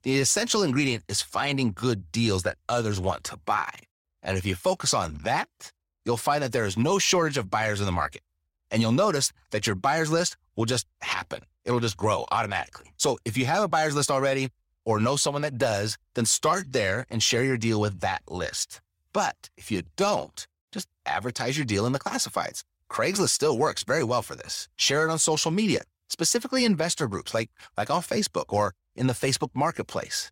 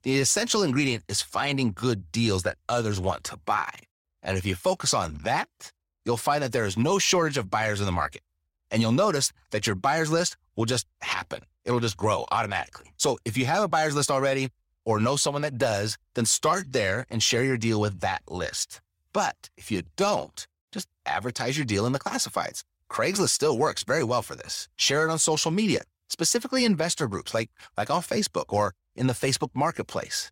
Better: neither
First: none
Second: none

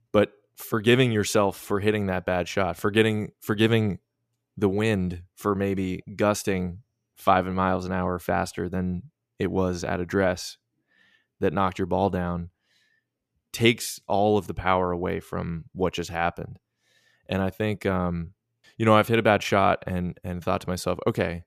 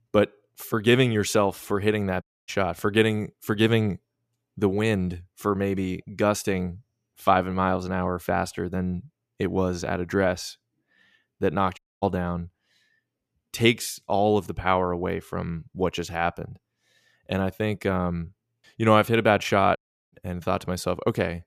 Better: first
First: none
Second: audio cutting out; at 2 s, at 12 s and at 20 s

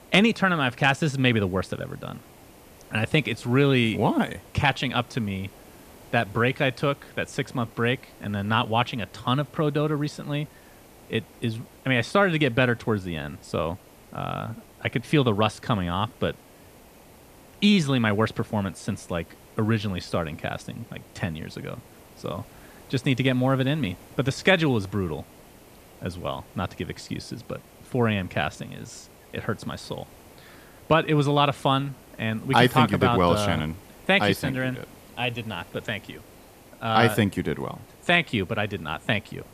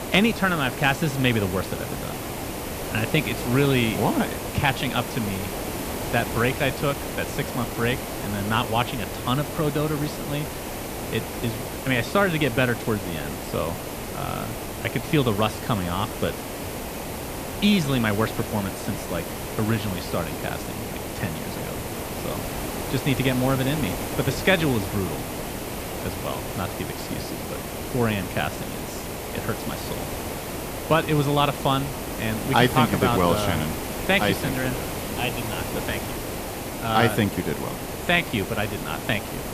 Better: first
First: hiss; faint; throughout; 25 dB below the speech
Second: hiss; loud; throughout; 6 dB below the speech

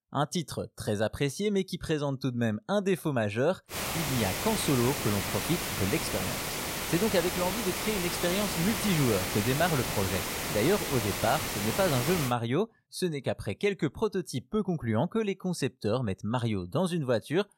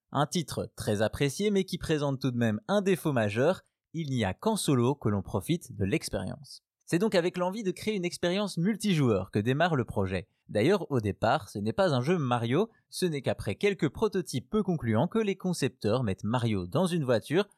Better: second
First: hiss; loud; from 3.5 to 12 s; 1 dB below the speech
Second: none

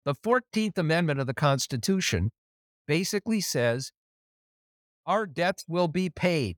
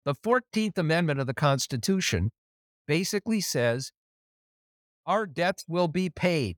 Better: neither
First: none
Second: none

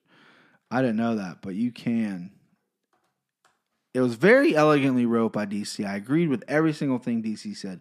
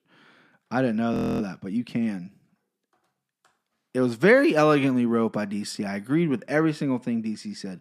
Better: first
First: none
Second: audio freezing; at 1 s

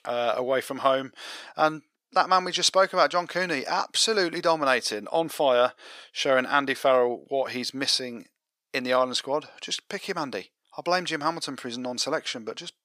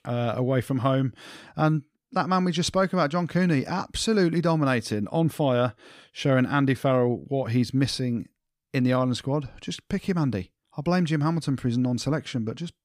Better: second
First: thin; very; fading below 600 Hz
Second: none

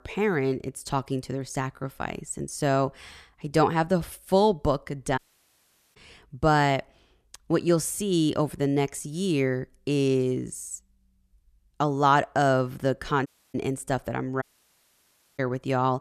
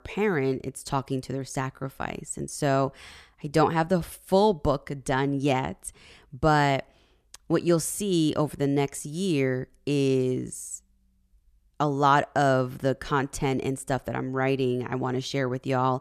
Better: second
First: audio cutting out; at 5 s for 1 s, at 13 s and at 14 s for 1 s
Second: none

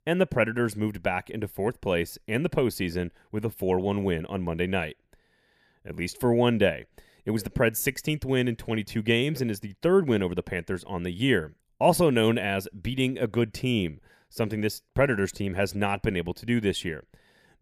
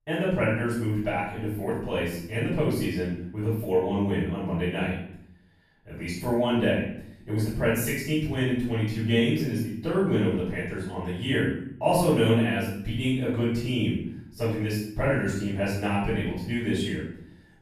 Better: first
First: none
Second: room echo; noticeable; dies away in 0.6 s // off-mic speech; far

